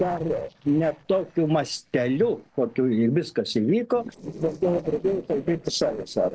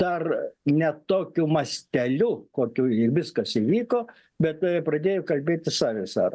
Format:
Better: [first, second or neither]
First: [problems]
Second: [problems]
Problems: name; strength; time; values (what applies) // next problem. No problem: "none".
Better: second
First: noise reduction (neural separator model SepFormer DNS4)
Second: none